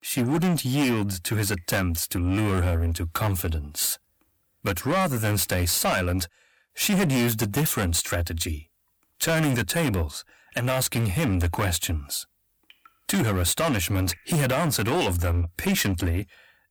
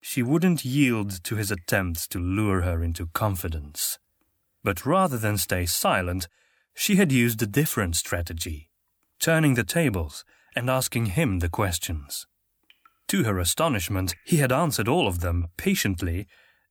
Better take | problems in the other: second | distortion; heavy; 14% of the sound clipped

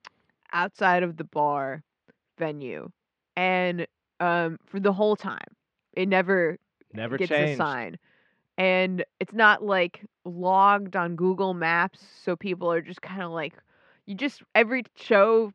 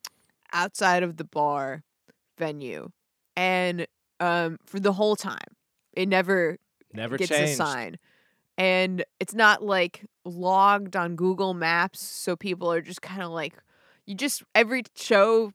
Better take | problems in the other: second | muffled; slightly; fading above 3 kHz

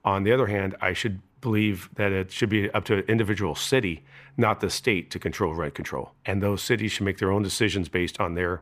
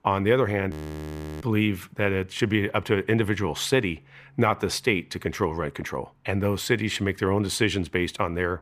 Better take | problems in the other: first | audio freezing; at 0.5 s for 0.5 s

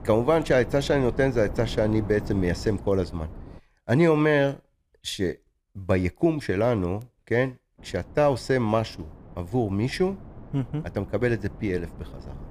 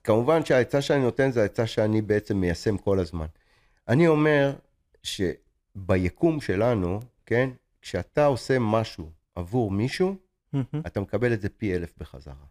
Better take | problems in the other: second | wind noise on the microphone; occasional gusts; until 3.5 s and from 8 s on; 20 dB below the speech

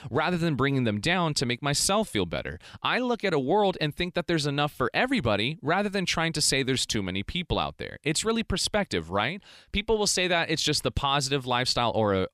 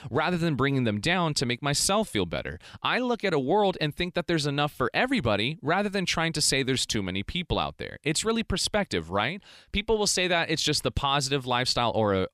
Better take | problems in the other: neither | none

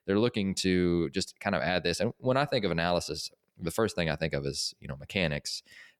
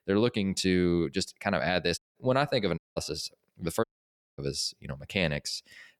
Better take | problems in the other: first | audio cutting out; at 2 s, at 3 s and at 4 s for 0.5 s

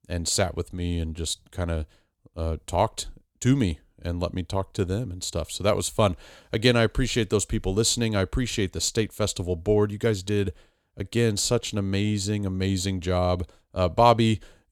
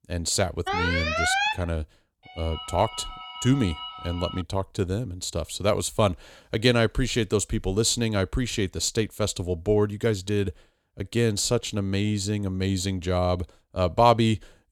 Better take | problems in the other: first | alarm; loud; at 0.5 s; peak 3 dB above the speech // phone ringing; faint; from 2.5 to 4.5 s; peak 10 dB below the speech

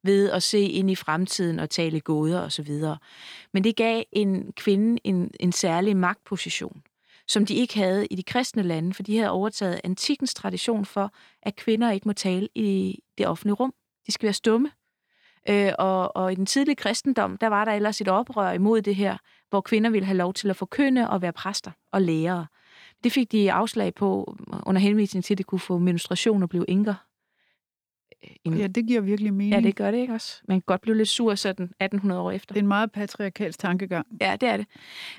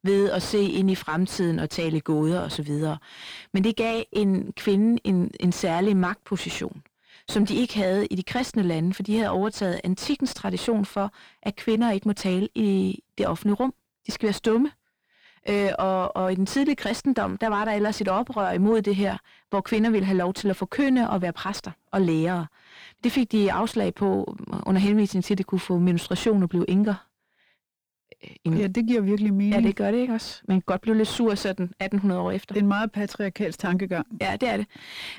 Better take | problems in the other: first | distortion; slight; 10 dB below the speech

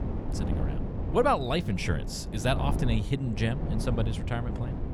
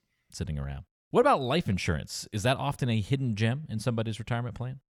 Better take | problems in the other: second | wind noise on the microphone; occasional gusts; 10 dB below the speech

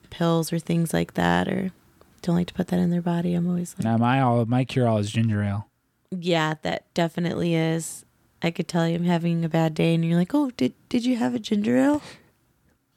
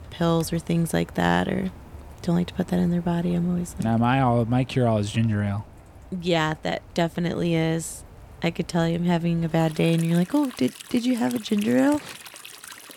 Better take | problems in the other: first | rain or running water; noticeable; throughout; 20 dB below the speech

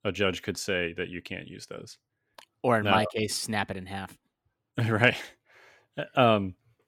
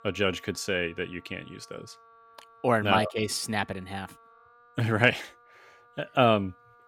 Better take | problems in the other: first | background music; faint; throughout; 30 dB below the speech

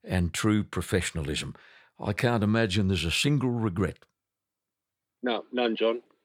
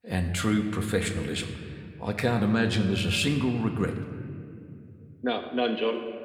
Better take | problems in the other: first | room echo; slight; dies away in 1.7 s

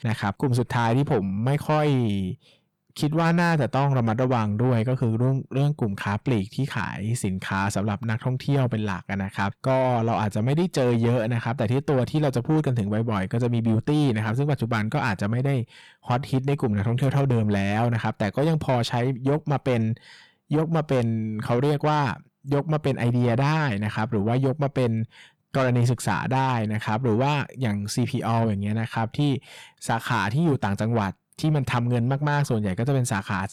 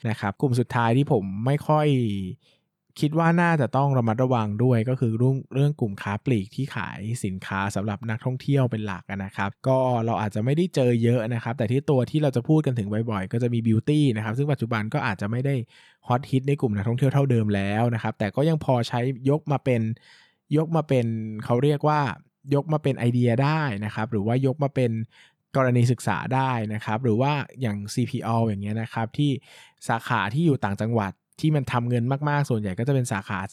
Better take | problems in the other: second | distortion; slight; 10 dB below the speech

